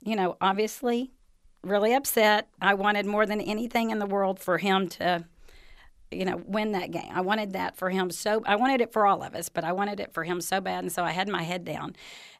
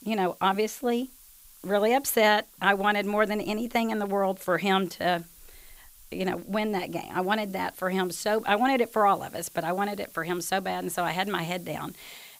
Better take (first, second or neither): first